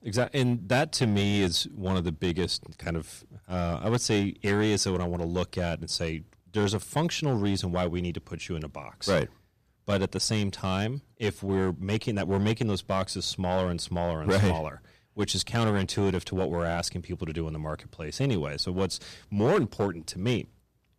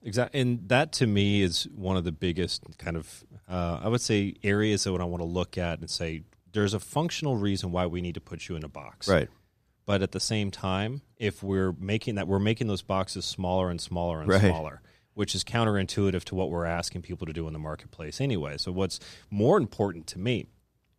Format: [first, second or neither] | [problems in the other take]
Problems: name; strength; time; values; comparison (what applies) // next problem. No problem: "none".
second | distortion; slight; 4% of the sound clipped